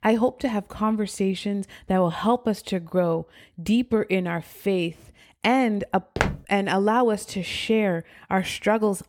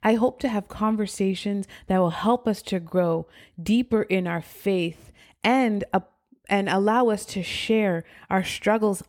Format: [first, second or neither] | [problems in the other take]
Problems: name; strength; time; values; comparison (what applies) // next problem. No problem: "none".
second | footsteps; noticeable; at 6 s; peak 2 dB below the speech